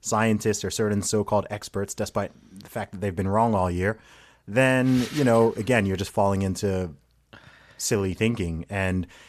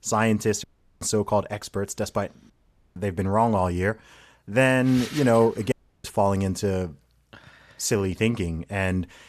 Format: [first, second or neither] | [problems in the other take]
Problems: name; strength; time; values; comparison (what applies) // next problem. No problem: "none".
first | audio cutting out; at 0.5 s, at 2.5 s and at 5.5 s